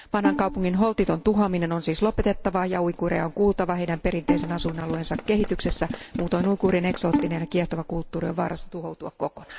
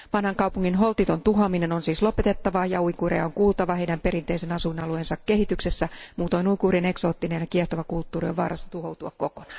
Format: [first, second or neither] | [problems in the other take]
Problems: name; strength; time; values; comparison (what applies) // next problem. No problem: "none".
second | background sound (Tools + Bowed string instrument); 7 dB below the speech